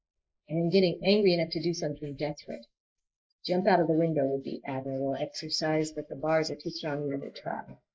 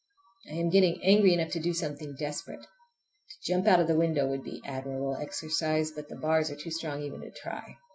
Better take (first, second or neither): second